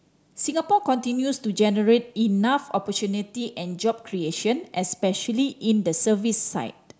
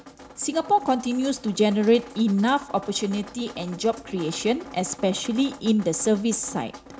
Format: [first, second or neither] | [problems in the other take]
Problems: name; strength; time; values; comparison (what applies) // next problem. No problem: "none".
first | background sound (Drip); 18 dB below the speech